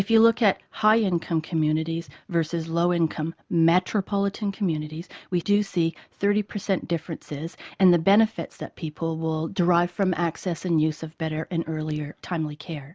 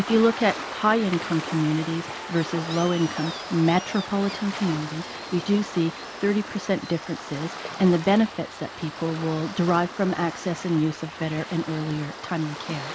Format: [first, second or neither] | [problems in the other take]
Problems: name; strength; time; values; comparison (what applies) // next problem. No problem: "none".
first | background sound (Waves, surf); 11 dB below the speech